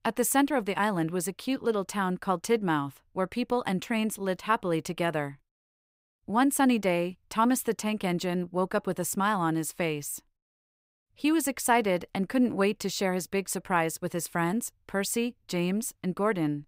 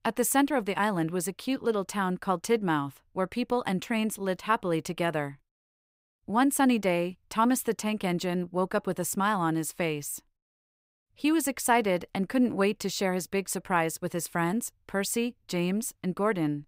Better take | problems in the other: neither | none

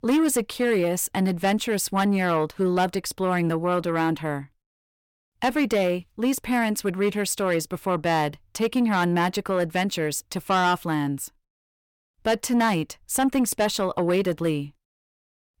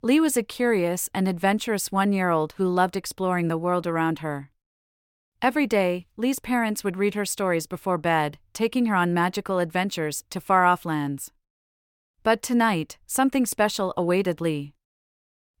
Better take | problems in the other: second | distortion; slight; 10 dB below the speech

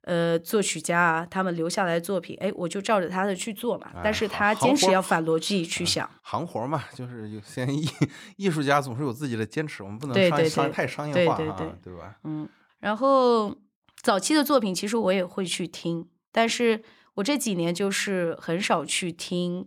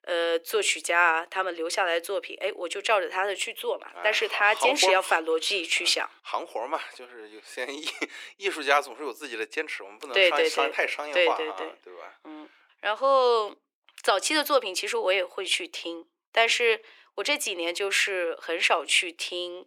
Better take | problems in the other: first | thin; very; fading below 350 Hz

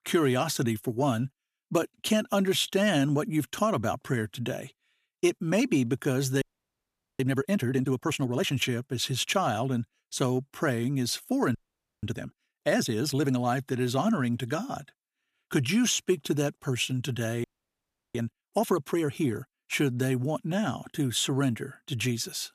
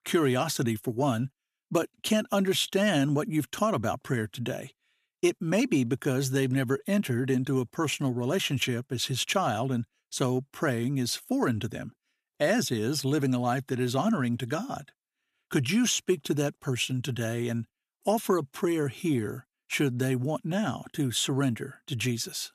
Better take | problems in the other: second | audio freezing; at 6.5 s for 1 s, at 12 s and at 17 s for 0.5 s

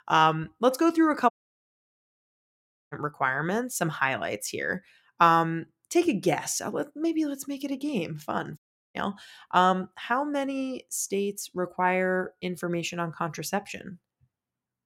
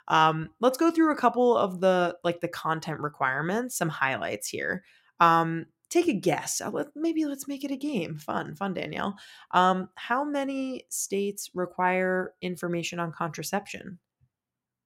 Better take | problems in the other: second | audio cutting out; at 1.5 s for 1.5 s and at 8.5 s

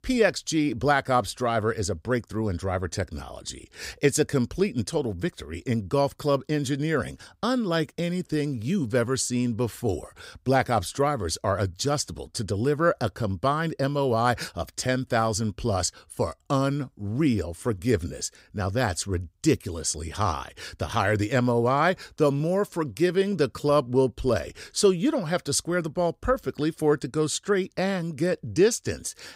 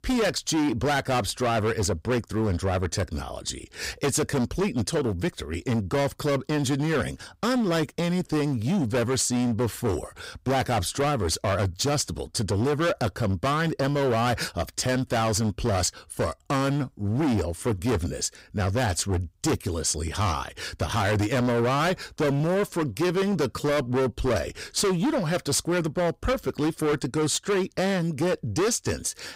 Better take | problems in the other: first | distortion; heavy; 20% of the sound clipped

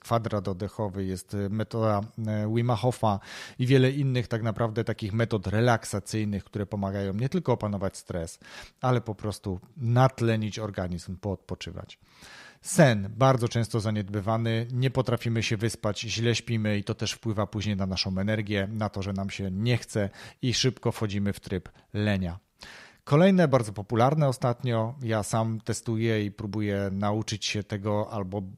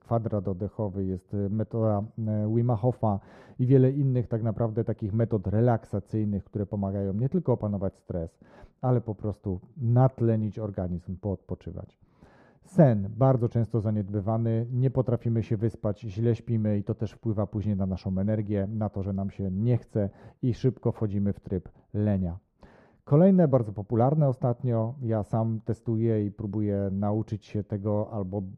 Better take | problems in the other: first | muffled; very; fading above 1.5 kHz

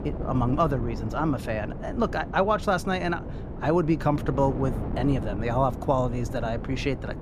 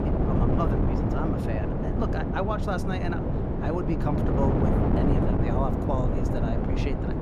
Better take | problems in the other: first | wind noise on the microphone; heavy; 1 dB above the speech; occasional gusts in the first

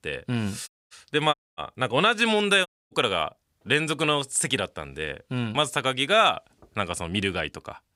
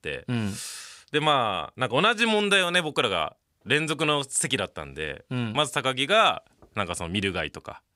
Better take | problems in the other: second | audio cutting out; at 0.5 s, at 1.5 s and at 2.5 s

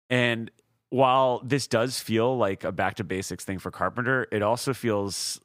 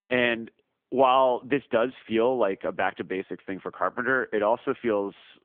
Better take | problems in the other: first | phone-call audio; poor line; nothing above 3.5 kHz

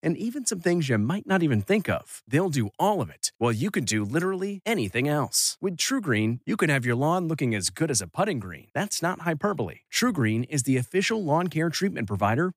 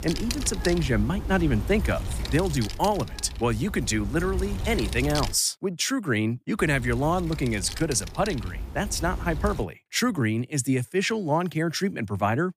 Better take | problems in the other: first | wind noise on the microphone; occasional gusts; until 5.5 s and from 6.5 to 9.5 s; 10 dB below the speech

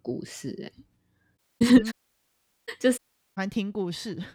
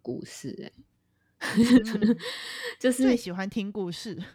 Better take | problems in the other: second | audio cutting out; at 1.5 s, at 2 s for 1 s and at 3 s

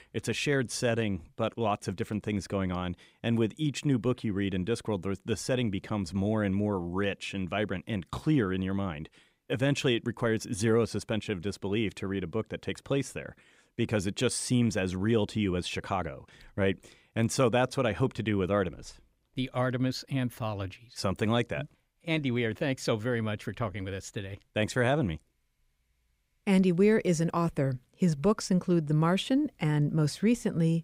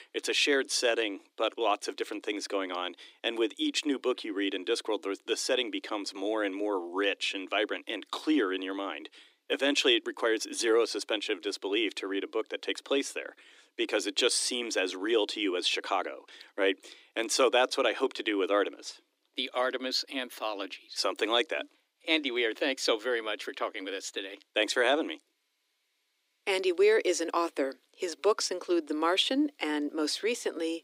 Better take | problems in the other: first | thin; somewhat; fading below 300 Hz

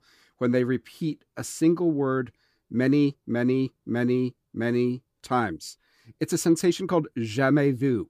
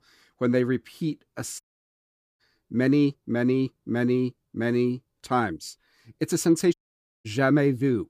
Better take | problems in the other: first | audio cutting out; at 1.5 s for 1 s and at 6.5 s for 0.5 s

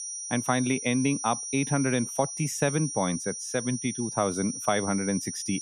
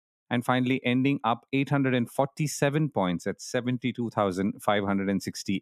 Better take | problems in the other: second | high-pitched whine; loud; throughout; 5.5 kHz, 5 dB below the speech

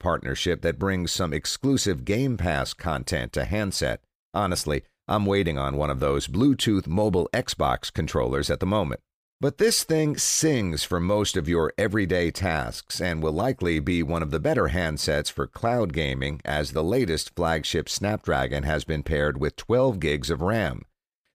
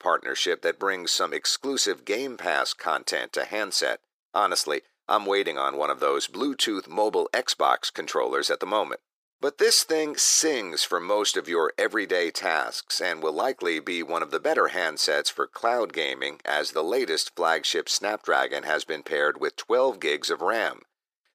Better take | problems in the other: first | thin; very; fading below 350 Hz

